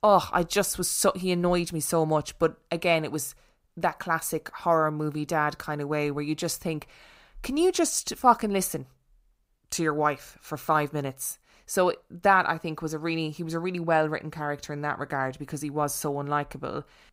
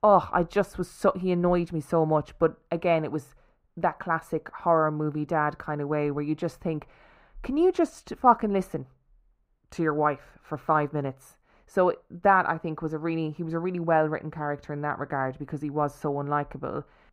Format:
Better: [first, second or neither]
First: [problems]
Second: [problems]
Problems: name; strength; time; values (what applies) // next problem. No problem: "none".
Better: first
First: none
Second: muffled; very; fading above 3 kHz